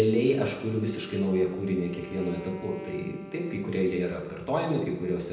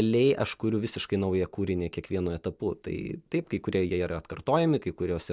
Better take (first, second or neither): second